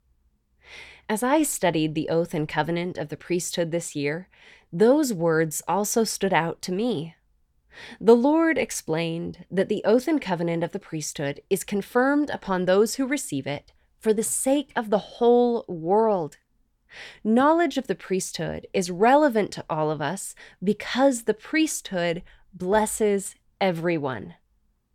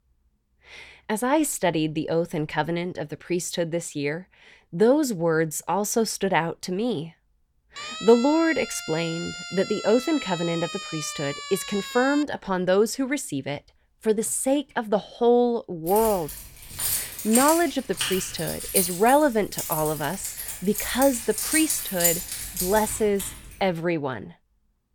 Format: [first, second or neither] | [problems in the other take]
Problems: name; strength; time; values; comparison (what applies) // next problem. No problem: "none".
first | siren; noticeable; from 8 to 12 s; peak 8 dB below the speech // jangling keys; loud; from 16 to 23 s; peak 2 dB above the speech